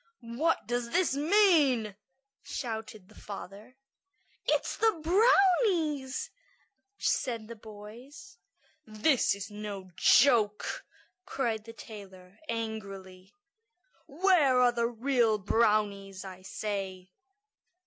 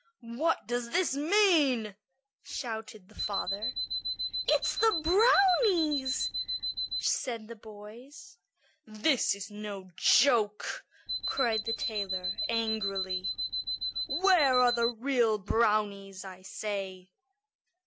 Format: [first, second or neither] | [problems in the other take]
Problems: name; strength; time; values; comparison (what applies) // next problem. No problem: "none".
first | background sound (Alarm); 3 dB below the speech